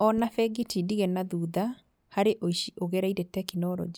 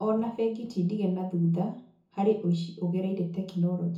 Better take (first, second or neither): first